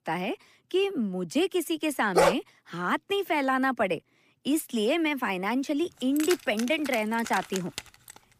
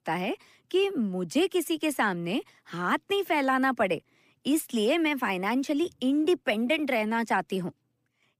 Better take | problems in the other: second | dog barking; loud; at 2 s; peak 4 dB above the speech // jangling keys; noticeable; from 6 s on; peak 6 dB below the speech

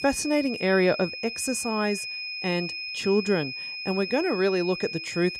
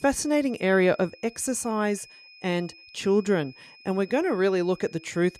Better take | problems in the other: second | high-pitched whine; loud; throughout; 2.5 kHz, 6 dB below the speech; faint in the second

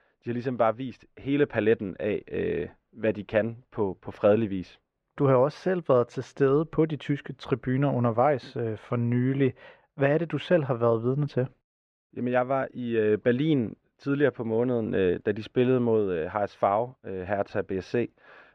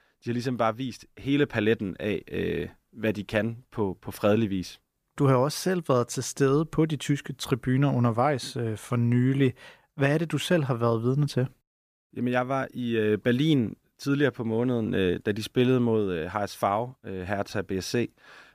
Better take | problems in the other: second | muffled; very; fading above 2.5 kHz

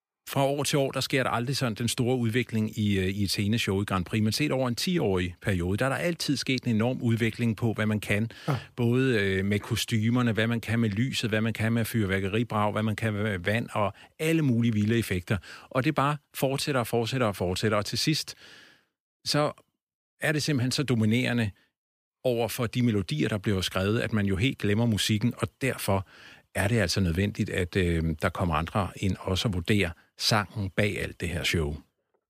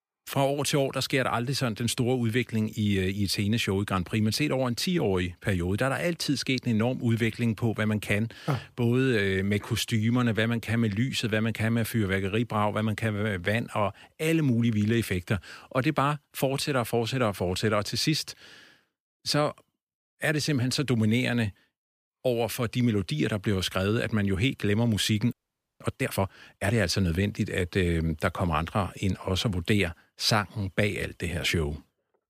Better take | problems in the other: first | audio freezing; at 25 s

